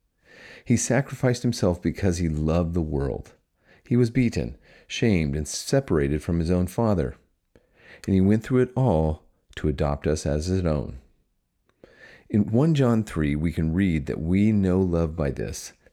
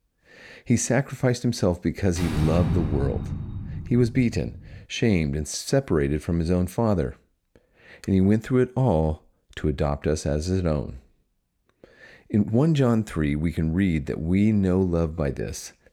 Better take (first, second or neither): first